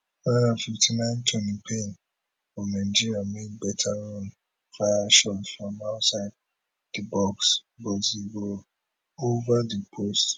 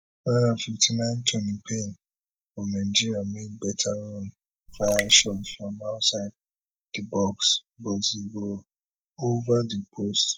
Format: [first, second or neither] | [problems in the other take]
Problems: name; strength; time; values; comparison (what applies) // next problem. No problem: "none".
first | noise reduction (neural mask model DeepFilterNet 3)